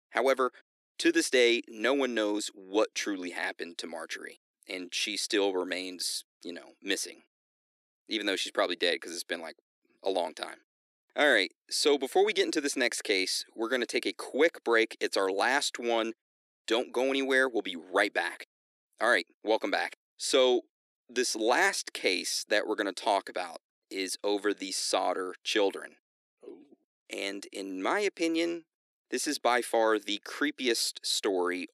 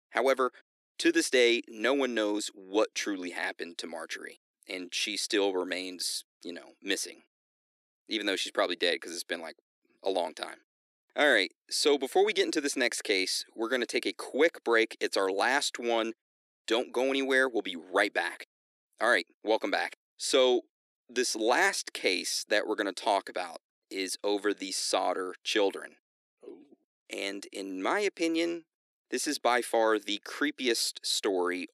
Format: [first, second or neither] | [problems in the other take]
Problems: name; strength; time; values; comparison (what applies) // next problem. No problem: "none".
neither | thin; very; fading below 300 Hz; the same in both